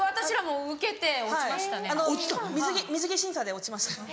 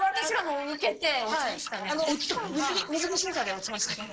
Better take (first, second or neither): first